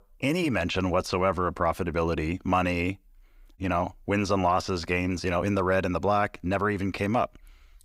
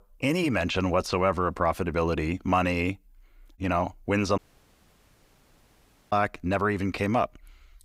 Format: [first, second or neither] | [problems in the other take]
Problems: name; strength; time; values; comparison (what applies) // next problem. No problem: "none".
first | audio cutting out; at 4.5 s for 1.5 s